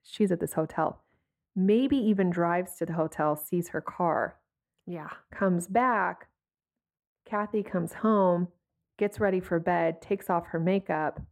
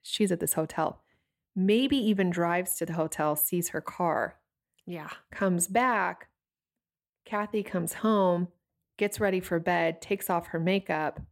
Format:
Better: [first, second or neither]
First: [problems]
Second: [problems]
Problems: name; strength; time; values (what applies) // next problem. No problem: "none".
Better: second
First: muffled; slightly; fading above 2 kHz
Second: none